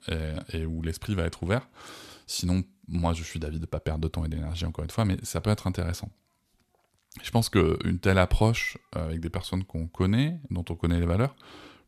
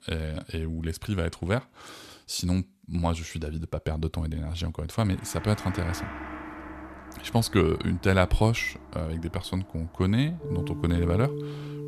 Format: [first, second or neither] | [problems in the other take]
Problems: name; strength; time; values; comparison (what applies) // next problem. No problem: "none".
first | background music; noticeable; from 6 s on; 10 dB below the speech